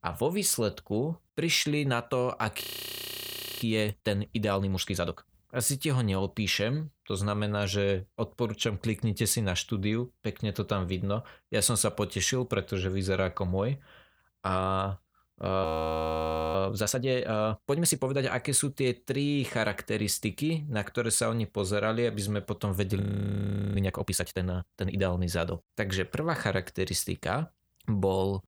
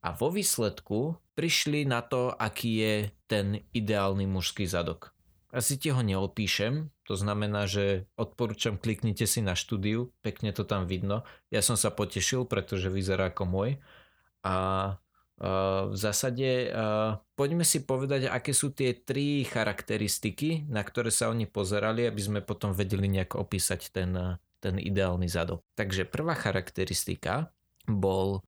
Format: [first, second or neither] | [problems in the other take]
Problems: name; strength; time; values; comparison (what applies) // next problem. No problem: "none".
second | audio freezing; at 2.5 s for 1 s, at 16 s for 1 s and at 23 s for 0.5 s